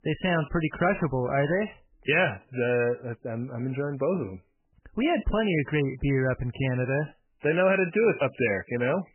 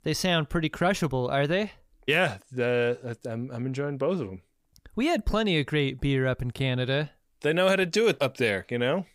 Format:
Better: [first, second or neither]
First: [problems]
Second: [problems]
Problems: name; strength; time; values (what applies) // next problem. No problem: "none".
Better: second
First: garbled, watery; badly; nothing above 3 kHz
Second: none